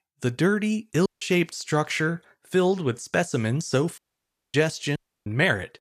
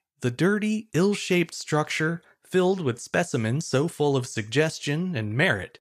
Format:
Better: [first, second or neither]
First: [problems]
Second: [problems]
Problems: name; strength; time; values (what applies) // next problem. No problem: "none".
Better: second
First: audio cutting out; at 1 s, at 4 s for 0.5 s and at 5 s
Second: none